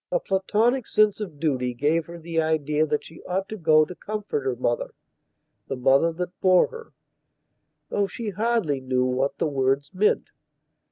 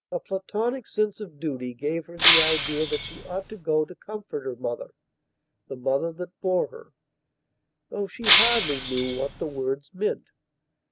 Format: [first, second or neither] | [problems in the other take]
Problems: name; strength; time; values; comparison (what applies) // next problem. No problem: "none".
first | background sound (Shatter); 4 dB above the speech